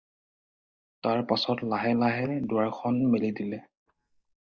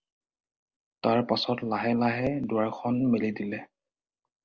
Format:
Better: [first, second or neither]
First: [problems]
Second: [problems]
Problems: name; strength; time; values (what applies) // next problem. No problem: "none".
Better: second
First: noise reduction (neural mask model DeepFilterNet 3)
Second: none